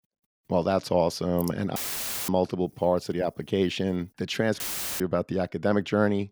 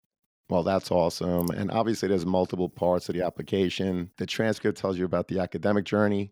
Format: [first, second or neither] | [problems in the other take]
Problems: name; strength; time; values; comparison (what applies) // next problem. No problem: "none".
second | audio cutting out; filled with static; at 2 s for 0.5 s and at 4.5 s